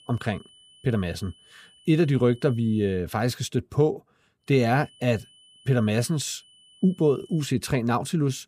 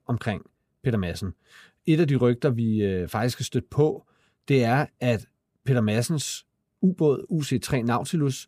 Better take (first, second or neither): second